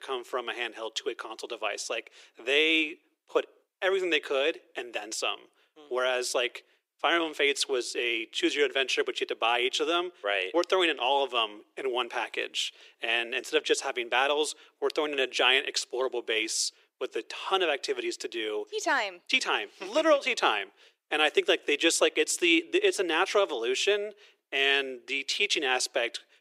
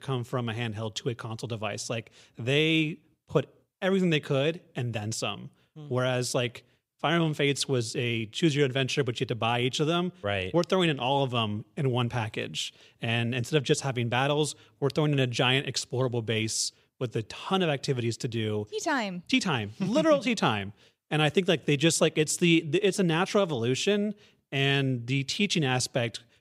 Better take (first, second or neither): second